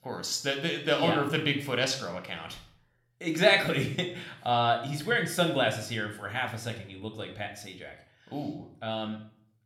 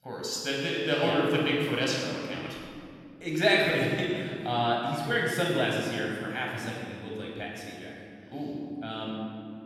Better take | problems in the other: first | room echo; strong; dies away in 2.2 s; slight in the first // off-mic speech; far

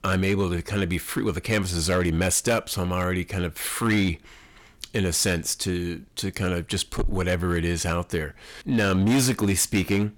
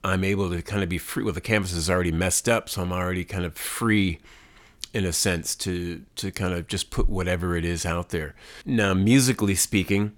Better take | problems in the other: second | distortion; slight; 6% of the sound clipped

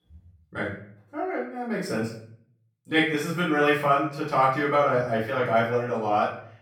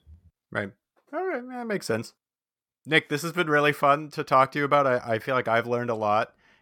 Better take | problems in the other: second | off-mic speech; far // room echo; noticeable; dies away in 0.5 s

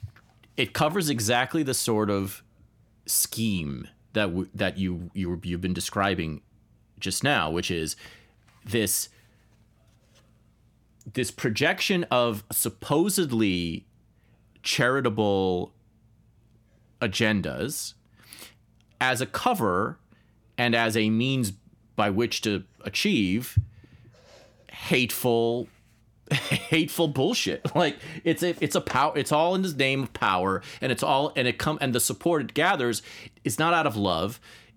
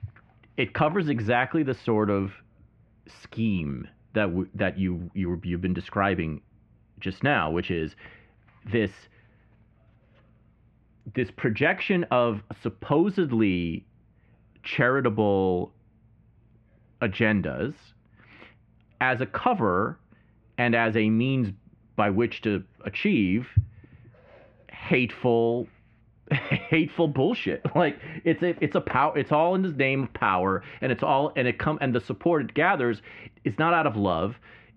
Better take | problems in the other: first | muffled; very; fading above 2.5 kHz

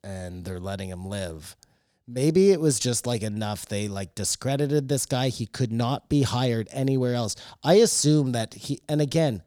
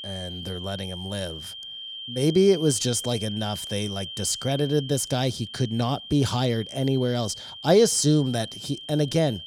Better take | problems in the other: first | high-pitched whine; noticeable; throughout; 3 kHz, 10 dB below the speech

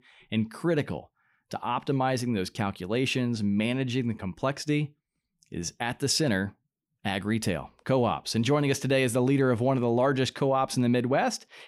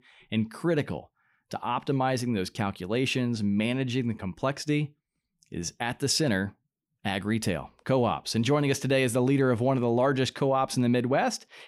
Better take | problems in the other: neither | none

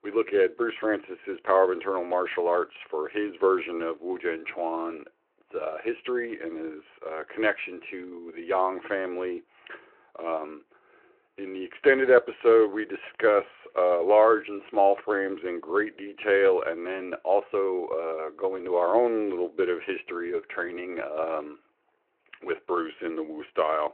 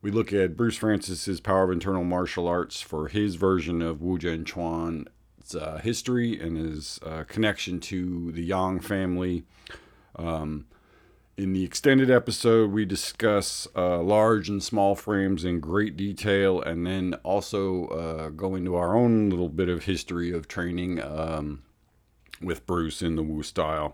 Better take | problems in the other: second | phone-call audio

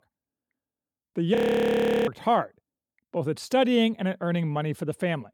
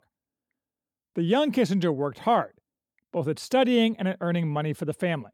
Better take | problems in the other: second | audio freezing; at 1.5 s for 0.5 s

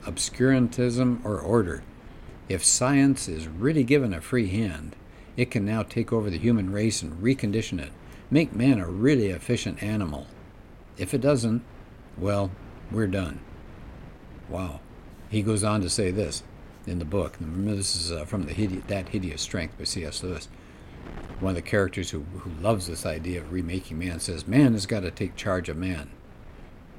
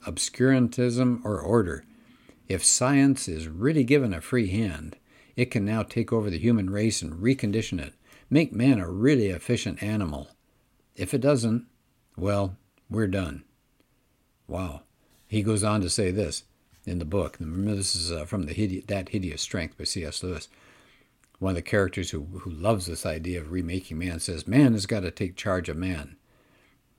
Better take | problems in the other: second | wind noise on the microphone; occasional gusts; 20 dB below the speech

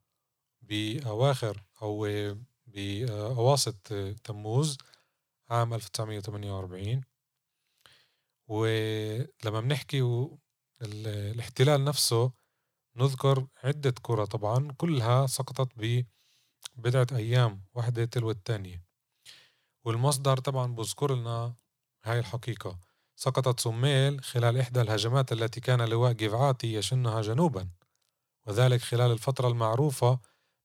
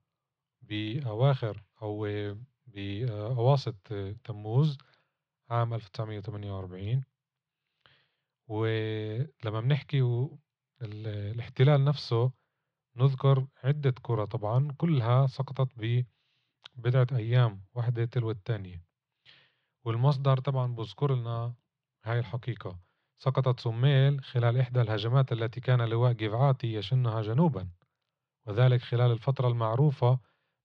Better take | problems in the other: first | muffled; slightly; fading above 3.5 kHz

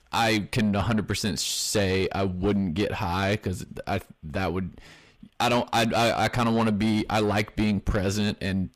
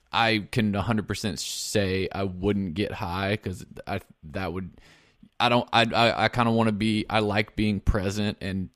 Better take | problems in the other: second | distortion; heavy; 8 dB below the speech

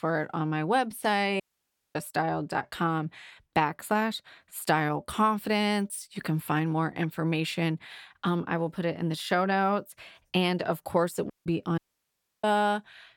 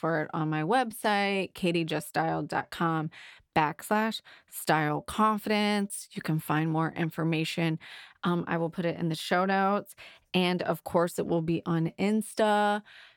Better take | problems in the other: second | audio cutting out; at 1.5 s for 0.5 s, at 11 s and at 12 s for 0.5 s

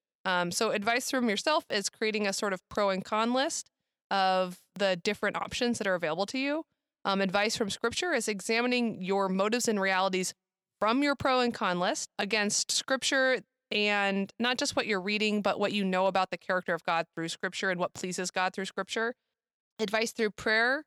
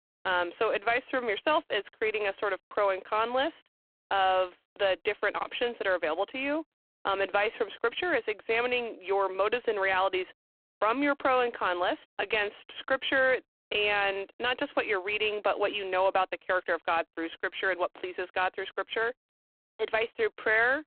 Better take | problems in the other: first | phone-call audio; poor line

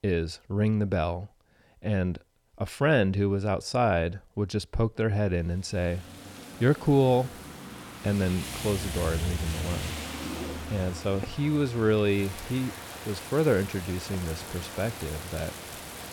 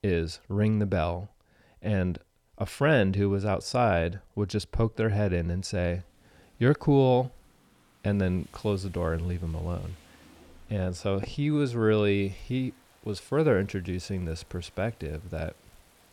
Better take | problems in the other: second | rain or running water; loud; from 6 s on; 10 dB below the speech; faint in the second

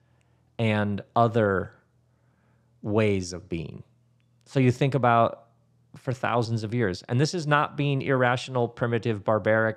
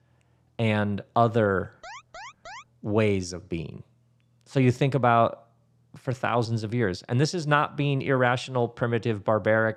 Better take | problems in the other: first | alarm; faint; at 2 s; peak 15 dB below the speech

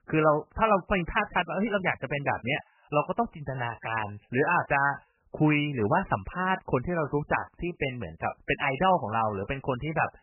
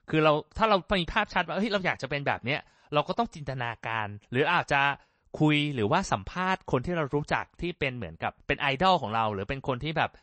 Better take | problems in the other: second | garbled, watery; badly; nothing above 3 kHz; slightly in the second

